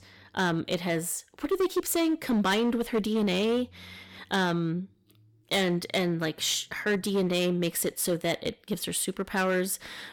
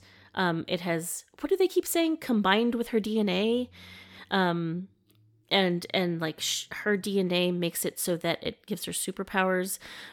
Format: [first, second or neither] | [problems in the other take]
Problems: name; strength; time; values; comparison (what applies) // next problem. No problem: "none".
second | distortion; slight; 9% of the sound clipped